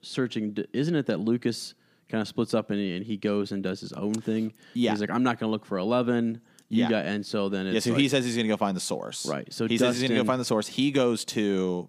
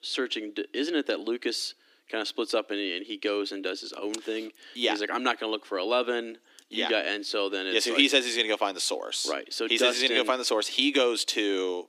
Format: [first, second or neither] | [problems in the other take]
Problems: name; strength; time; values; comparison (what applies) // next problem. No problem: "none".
first | thin; somewhat; fading below 300 Hz